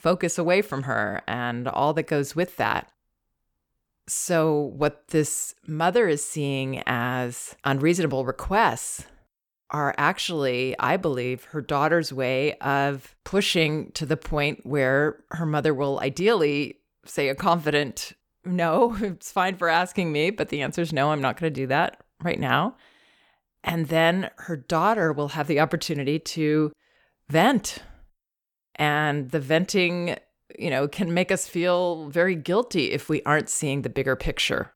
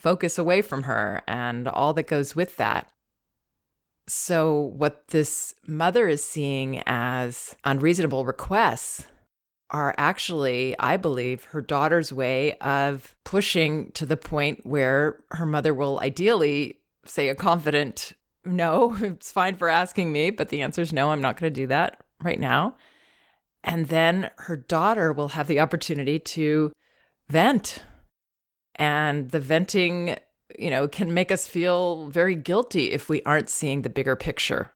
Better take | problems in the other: first | garbled, watery; slightly; nothing above 18.5 kHz

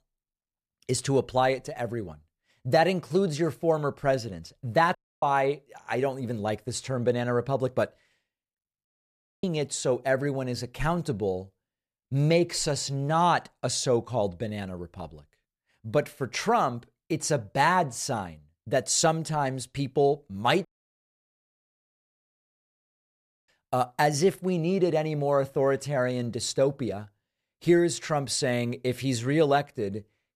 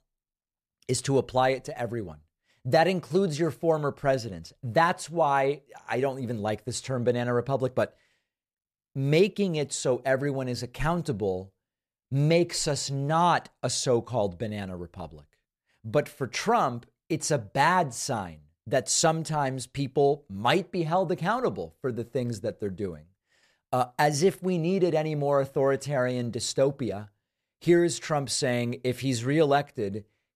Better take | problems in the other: second | audio cutting out; at 5 s, at 9 s for 0.5 s and at 21 s for 3 s

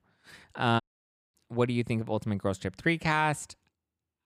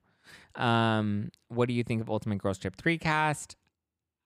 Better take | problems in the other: second | audio cutting out; at 1 s for 0.5 s

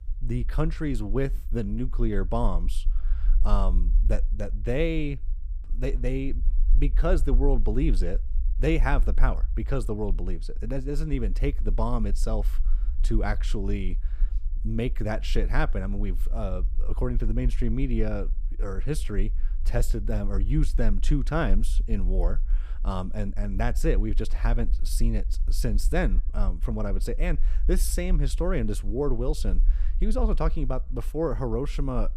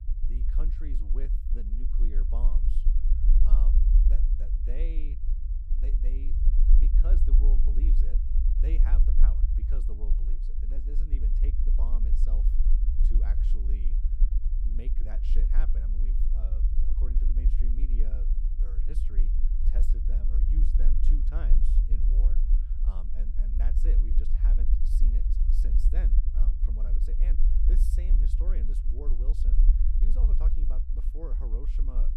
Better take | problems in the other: first | low rumble; loud; throughout; as loud as the speech; faint in the first

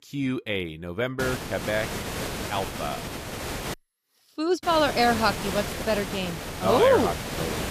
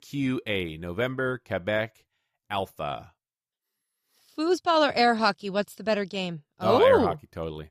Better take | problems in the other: second | hiss; loud; from 1 to 3.5 s and from 4.5 s on; 6 dB below the speech

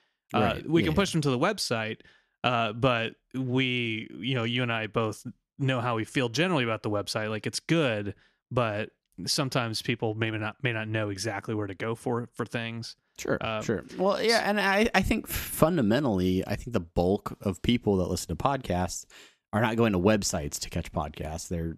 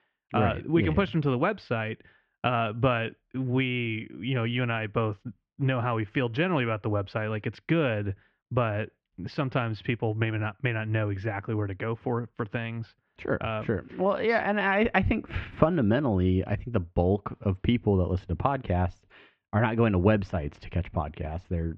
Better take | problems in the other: first | muffled; very; fading above 2.5 kHz

